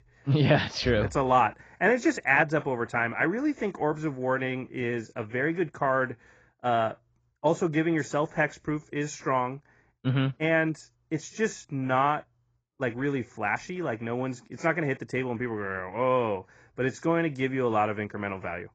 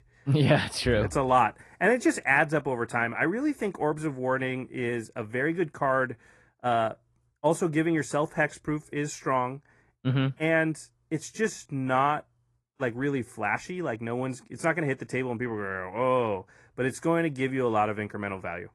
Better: second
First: garbled, watery; badly; nothing above 7.5 kHz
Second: garbled, watery; slightly; nothing above 11 kHz

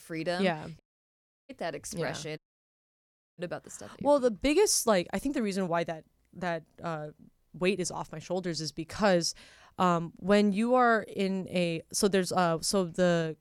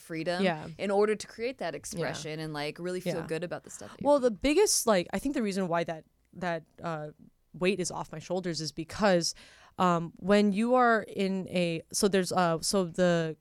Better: second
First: audio cutting out; at 1 s for 0.5 s and at 2.5 s for 1 s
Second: none

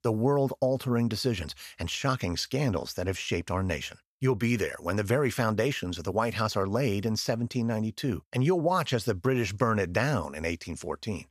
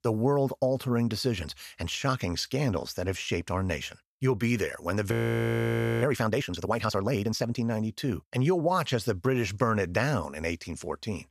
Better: first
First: none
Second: audio freezing; at 5 s for 1 s

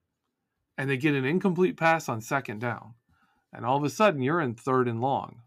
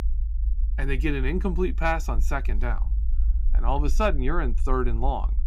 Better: first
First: none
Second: low rumble; faint; throughout; 20 dB below the speech

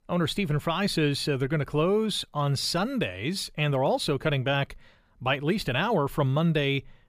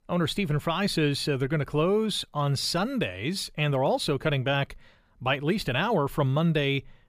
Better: neither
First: none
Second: none

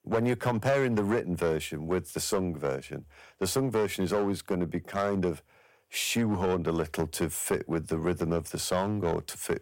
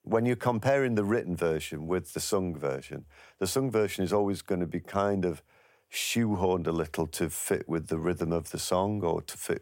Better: second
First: distortion; slight; 6% of the sound clipped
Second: none

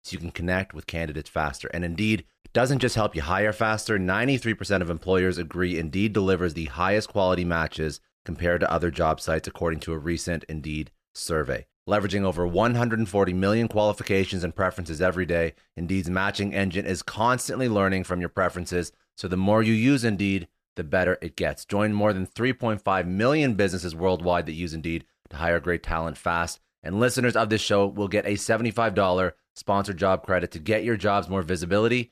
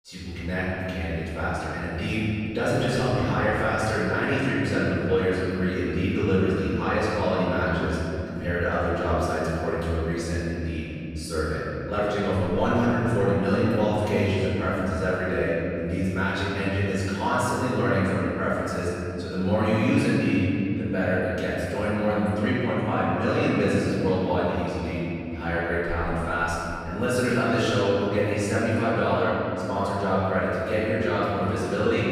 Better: first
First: none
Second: room echo; strong; dies away in 3 s // off-mic speech; far

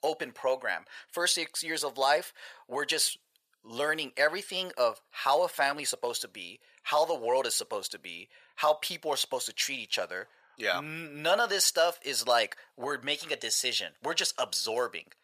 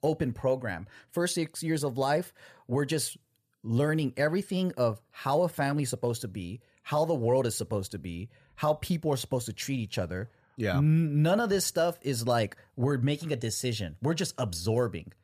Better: second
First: thin; very; fading below 750 Hz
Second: none

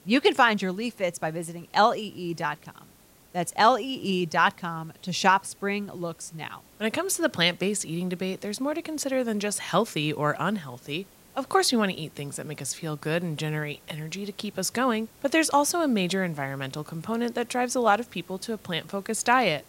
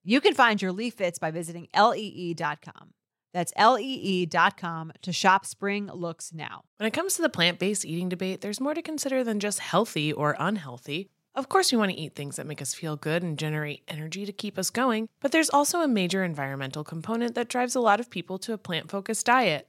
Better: second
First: hiss; faint; throughout; 25 dB below the speech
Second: none

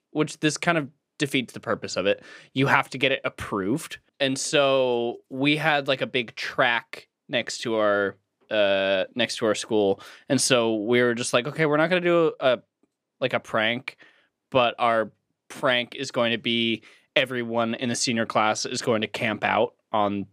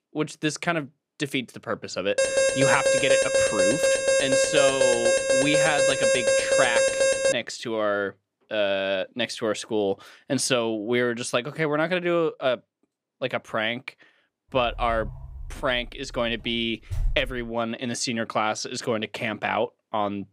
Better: first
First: none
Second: alarm; loud; from 2 to 7.5 s; peak 6 dB above the speech // door banging; noticeable; from 15 to 17 s; peak 5 dB below the speech

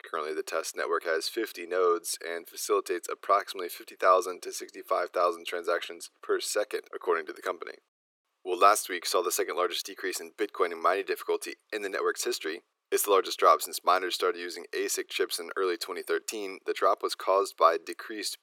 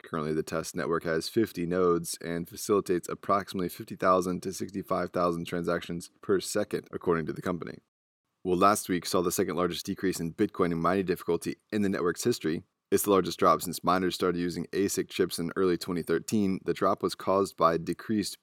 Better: second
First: thin; very; fading below 400 Hz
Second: none

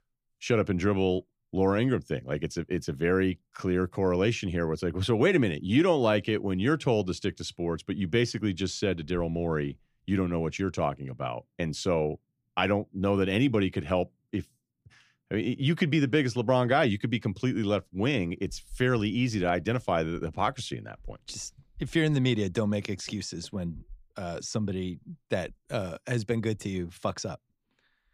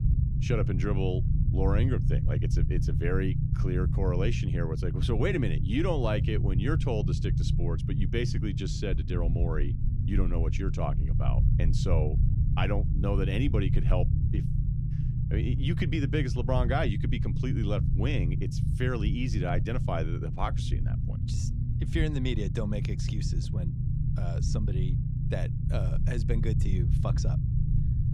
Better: first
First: none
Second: low rumble; loud; throughout; 6 dB below the speech

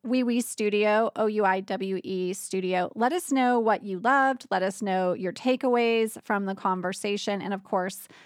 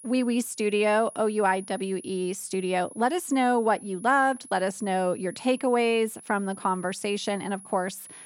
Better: first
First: none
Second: high-pitched whine; noticeable; throughout; 10.5 kHz, 20 dB below the speech

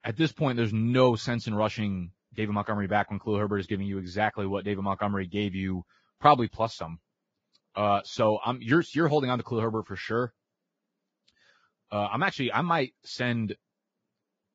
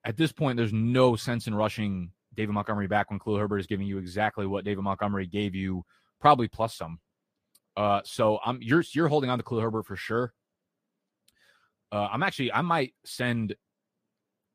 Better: second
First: garbled, watery; badly; nothing above 7.5 kHz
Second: garbled, watery; slightly; nothing above 15 kHz

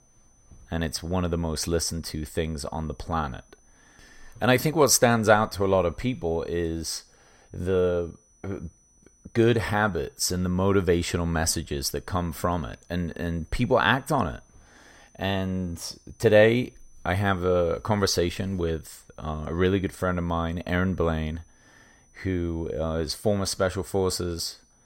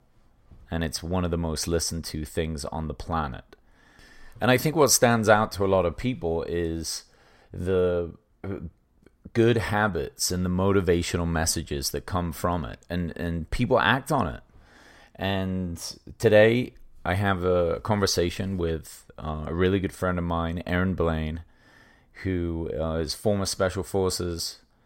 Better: second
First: high-pitched whine; faint; throughout; 6 kHz, 35 dB below the speech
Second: none

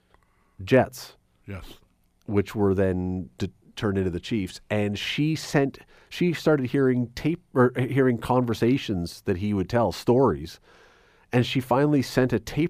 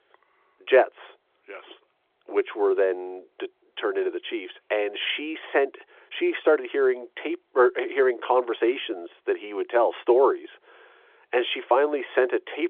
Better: first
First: none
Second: phone-call audio; nothing above 3.5 kHz

